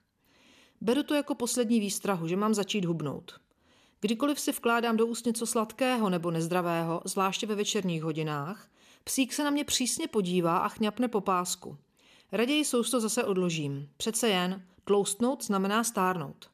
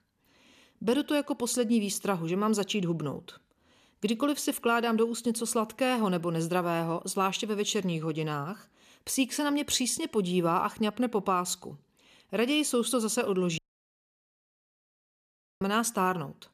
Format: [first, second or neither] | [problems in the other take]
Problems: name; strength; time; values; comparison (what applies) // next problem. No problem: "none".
first | audio cutting out; at 14 s for 2 s